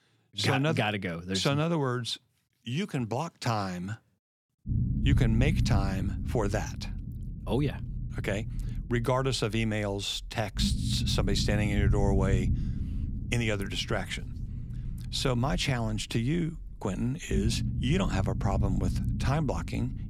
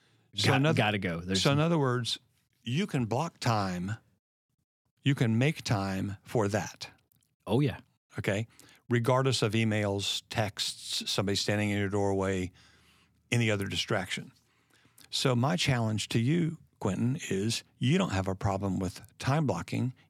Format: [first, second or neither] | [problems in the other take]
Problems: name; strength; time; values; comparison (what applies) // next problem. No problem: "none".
second | low rumble; noticeable; from 4.5 s on; 10 dB below the speech